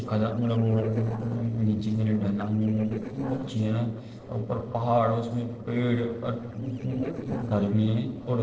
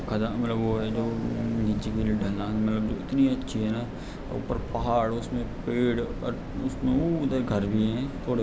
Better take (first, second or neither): second